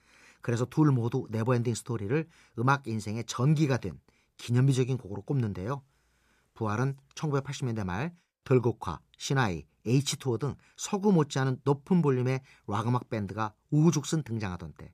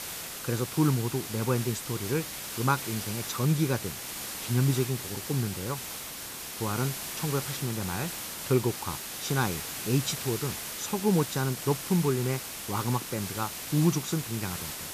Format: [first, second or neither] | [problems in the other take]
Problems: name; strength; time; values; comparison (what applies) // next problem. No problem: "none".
first | hiss; loud; throughout; 5 dB below the speech